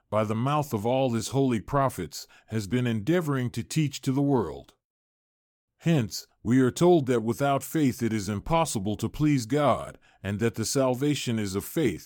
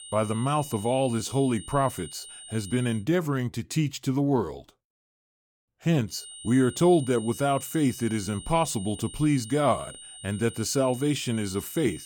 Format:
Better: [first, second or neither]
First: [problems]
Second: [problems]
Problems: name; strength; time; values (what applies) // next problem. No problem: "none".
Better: first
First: none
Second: high-pitched whine; noticeable; until 3 s and from 6 s on; 9 kHz, 15 dB below the speech